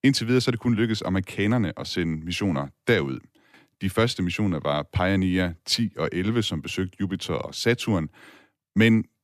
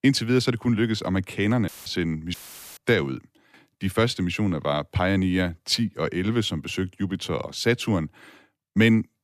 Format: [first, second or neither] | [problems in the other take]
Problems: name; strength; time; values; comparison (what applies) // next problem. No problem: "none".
first | audio cutting out; filled with static; at 1.5 s and at 2.5 s